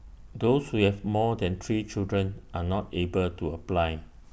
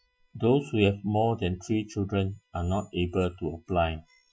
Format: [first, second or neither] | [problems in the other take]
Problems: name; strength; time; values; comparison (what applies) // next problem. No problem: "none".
first | noise reduction (classical method Wiener filter)